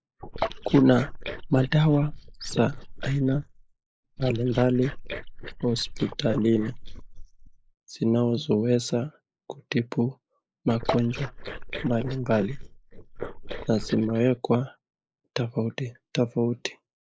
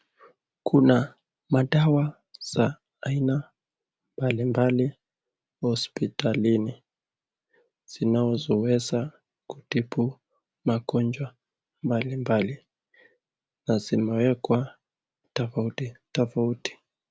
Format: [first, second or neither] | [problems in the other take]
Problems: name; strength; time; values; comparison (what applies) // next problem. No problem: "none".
second | noise reduction (neural mask model Resemble Enhance denoiser)